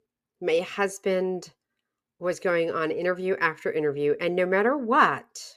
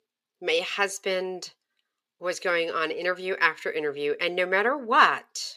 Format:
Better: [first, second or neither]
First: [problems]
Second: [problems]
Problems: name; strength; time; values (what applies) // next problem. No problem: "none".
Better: first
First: none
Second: thin; somewhat; fading below 650 Hz